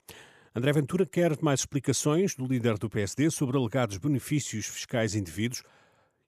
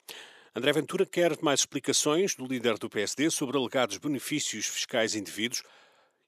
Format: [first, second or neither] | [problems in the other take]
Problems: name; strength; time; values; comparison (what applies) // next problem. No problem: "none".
first | thin; somewhat; fading below 300 Hz